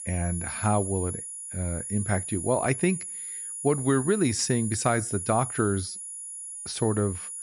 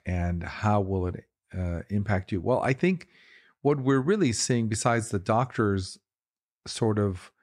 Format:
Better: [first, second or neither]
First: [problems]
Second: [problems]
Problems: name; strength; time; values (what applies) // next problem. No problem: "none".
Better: second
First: high-pitched whine; loud; throughout; 10.5 kHz, 6 dB below the speech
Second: none